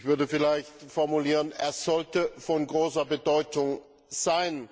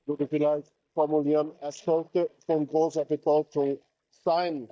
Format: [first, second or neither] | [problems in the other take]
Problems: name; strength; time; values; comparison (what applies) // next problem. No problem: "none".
first | noise reduction (neural mask model DeepFilterNet 3)